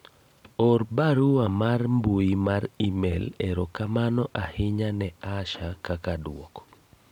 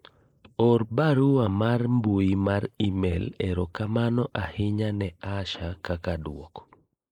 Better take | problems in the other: first | noise reduction (neural mask model Resemble Enhance denoiser)

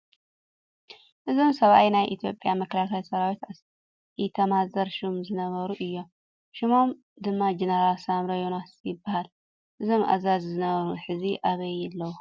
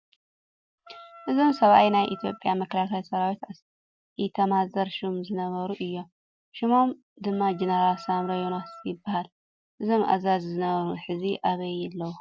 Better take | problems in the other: first | background sound (Wind instrument, woodwind instrument); 18 dB below the speech

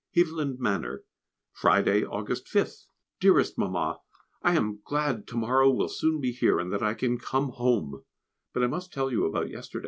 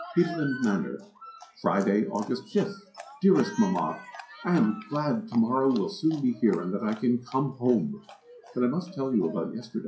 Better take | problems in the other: first | noise reduction (classical method WPE with log-MMSE)

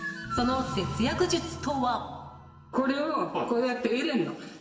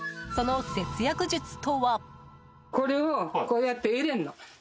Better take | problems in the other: second | room echo; dies away in 1.1 s

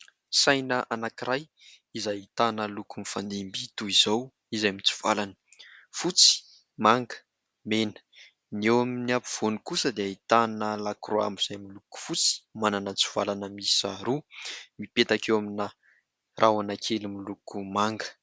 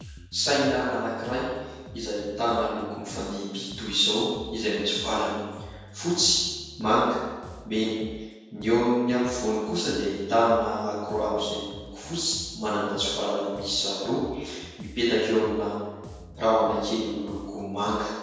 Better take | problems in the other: first | background sound (Bass guitar); 18 dB below the speech // room echo; dies away in 1.2 s

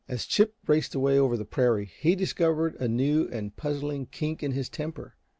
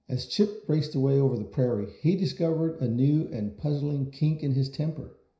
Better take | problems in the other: first | room echo; dies away in 0.5 s

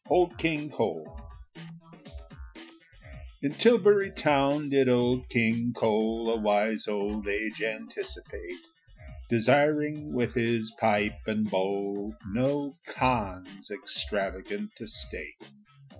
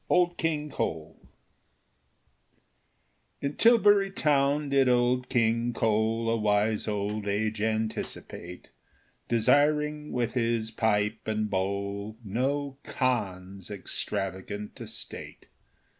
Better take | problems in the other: second | noise reduction (classical method Wiener filter)

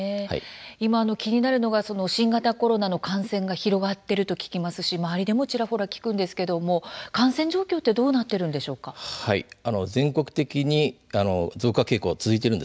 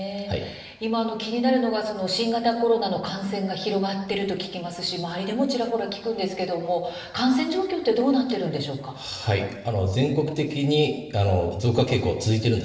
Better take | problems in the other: first | room echo; dies away in 0.9 s

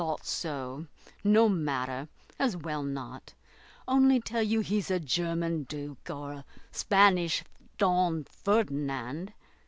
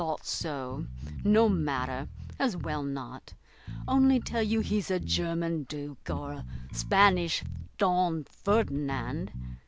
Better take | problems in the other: first | background sound (Bass guitar); 10 dB below the speech

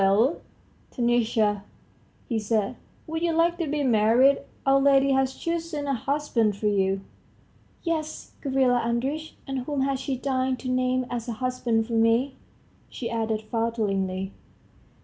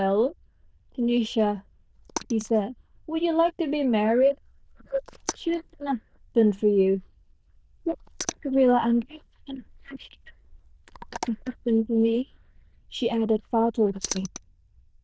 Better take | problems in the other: first | noise reduction (neural diffusion model UNIVERSE++)

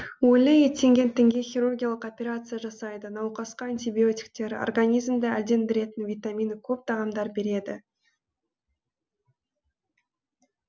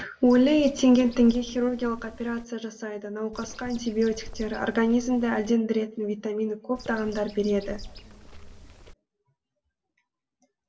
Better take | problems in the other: first | background sound (Bird); 16 dB below the speech // room echo; dies away in 1.9 s

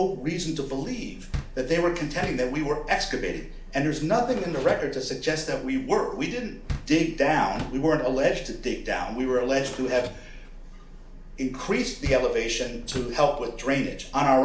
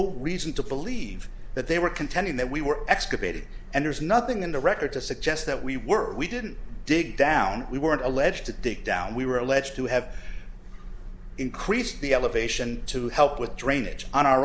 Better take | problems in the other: second | background sound (Door); 16 dB below the speech // room echo; dies away in 0.4 s

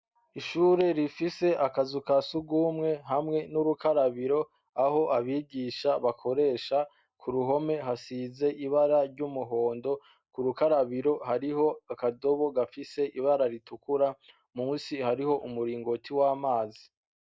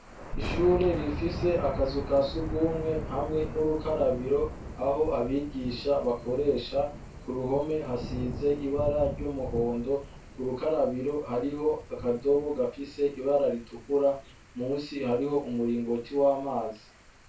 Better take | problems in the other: first | background sound (Thunder / Rain); 10 dB below the speech // room echo; dies away in 0.2 s

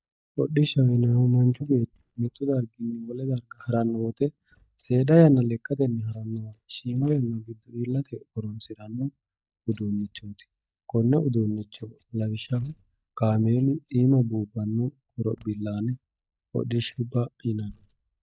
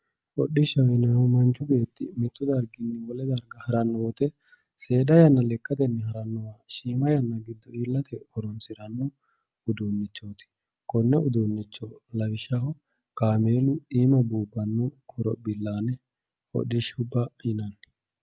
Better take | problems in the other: second | noise reduction (neural mask model DeepFilterNet 3)

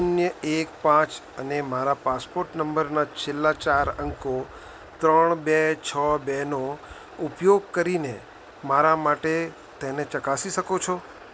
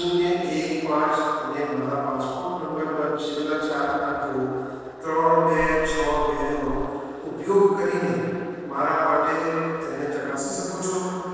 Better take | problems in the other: first | noise reduction (neural separator model SepFormer DNS4)

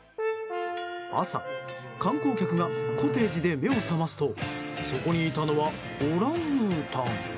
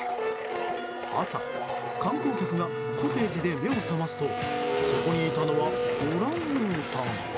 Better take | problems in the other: first | background sound (Domestic sounds, home sounds); 2 dB below the speech

